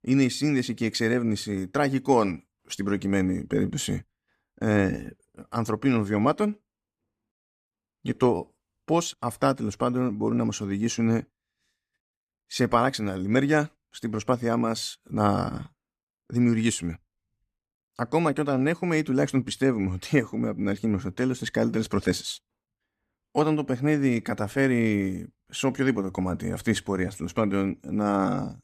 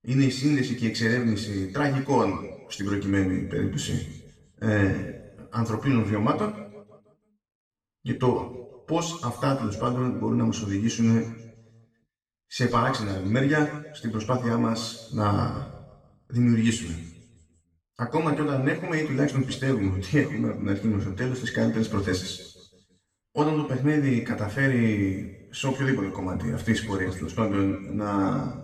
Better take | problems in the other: first | room echo; noticeable; dies away in 1 s // off-mic speech; far

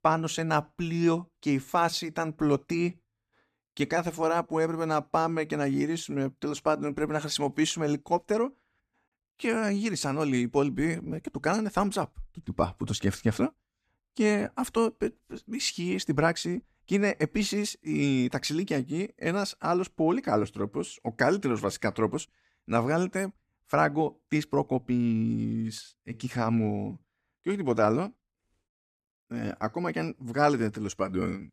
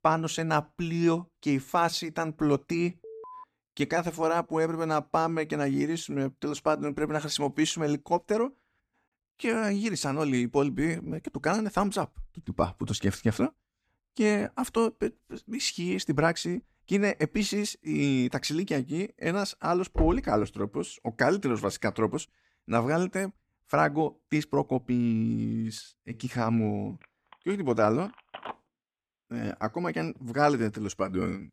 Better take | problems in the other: first | alarm; faint; at 3 s; peak 15 dB below the speech // door banging; noticeable; at 20 s; peak 5 dB below the speech // phone ringing; faint; from 27 to 30 s; peak 15 dB below the speech

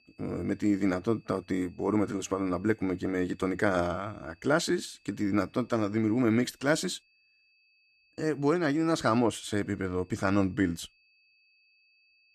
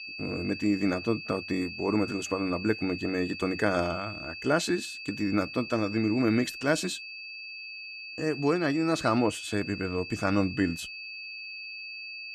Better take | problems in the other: first | high-pitched whine; loud; throughout; 2.5 kHz, 9 dB below the speech; faint in the first

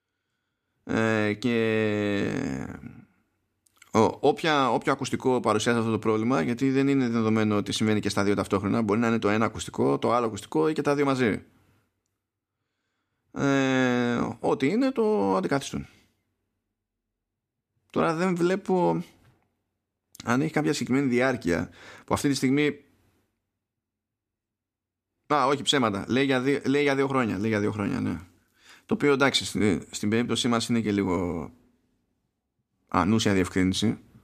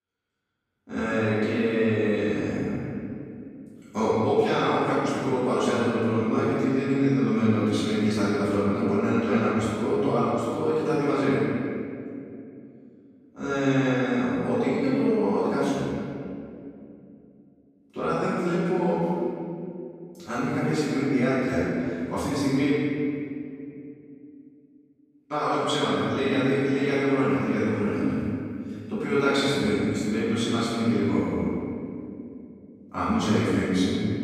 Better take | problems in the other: first | room echo; strong; dies away in 2.4 s // off-mic speech; far

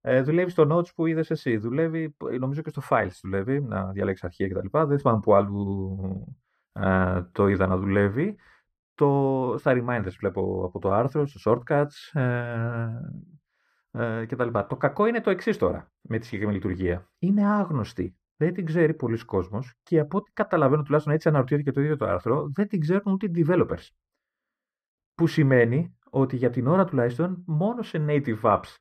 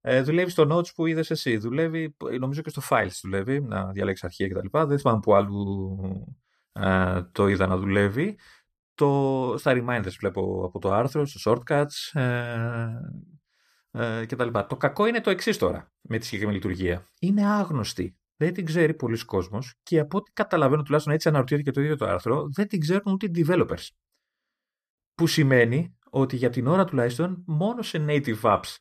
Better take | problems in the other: second | muffled; slightly; fading above 3 kHz

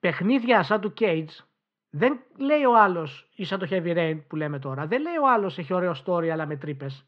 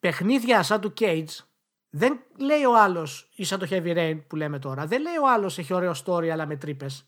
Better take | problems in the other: second | muffled; slightly; fading above 3.5 kHz

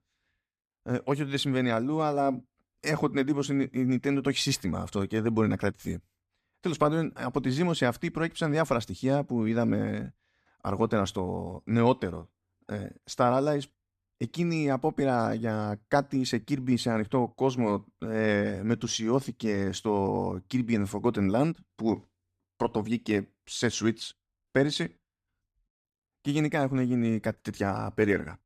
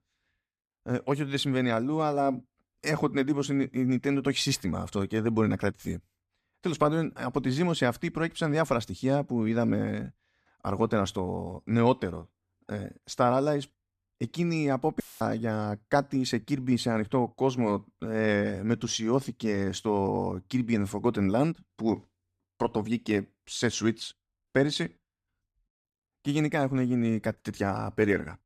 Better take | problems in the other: first | audio cutting out; filled with static; at 15 s

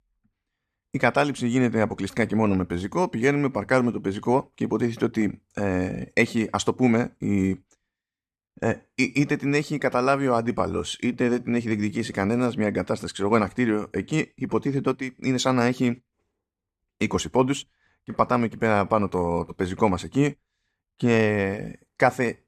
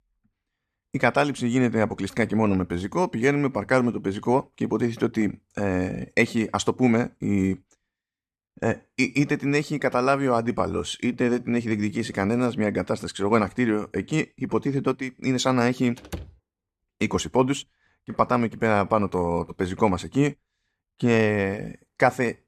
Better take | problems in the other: first | door banging; faint; at 16 s; peak 15 dB below the speech

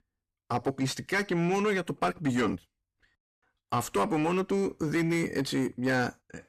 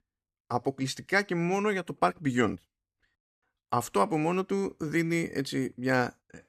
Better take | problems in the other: second | distortion; heavy; 8 dB below the speech

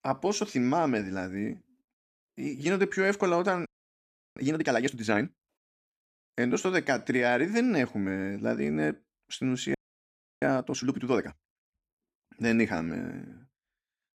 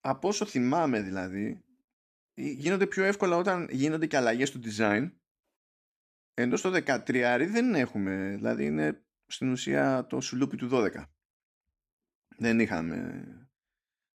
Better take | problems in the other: second | audio freezing; at 3.5 s for 0.5 s and at 9.5 s for 0.5 s

